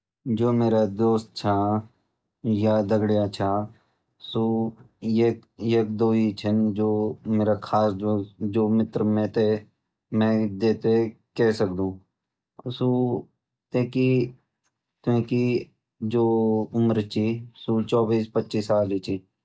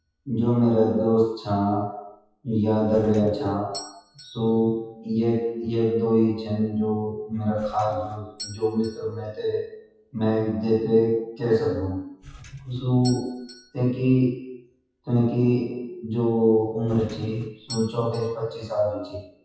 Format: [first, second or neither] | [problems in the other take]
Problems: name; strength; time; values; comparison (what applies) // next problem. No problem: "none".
first | noise reduction (classical method WPE with log-MMSE)